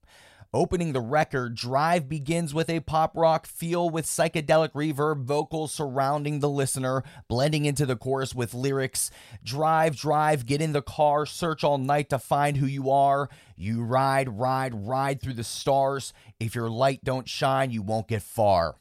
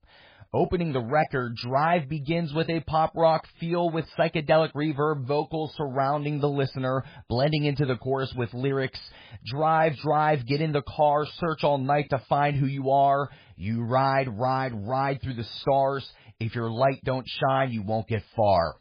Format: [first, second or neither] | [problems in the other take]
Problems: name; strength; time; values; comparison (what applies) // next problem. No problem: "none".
first | garbled, watery; badly; nothing above 5 kHz